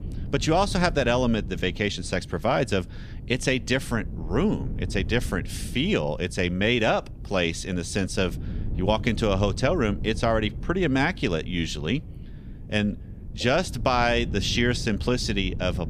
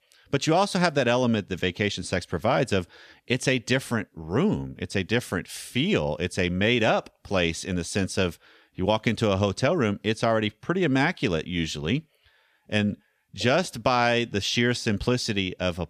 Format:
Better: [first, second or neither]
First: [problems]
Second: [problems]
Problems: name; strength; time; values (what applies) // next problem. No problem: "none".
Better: second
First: wind noise on the microphone; occasional gusts; 20 dB below the speech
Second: none